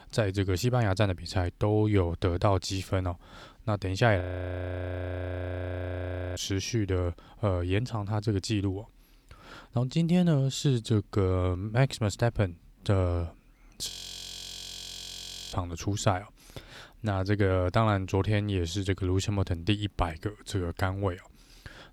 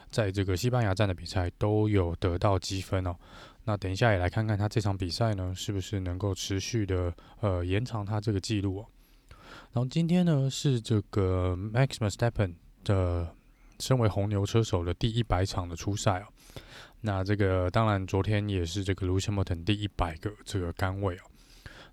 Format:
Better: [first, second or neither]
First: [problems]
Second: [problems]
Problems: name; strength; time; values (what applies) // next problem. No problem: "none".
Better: second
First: audio freezing; at 4 s for 2 s and at 14 s for 1.5 s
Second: none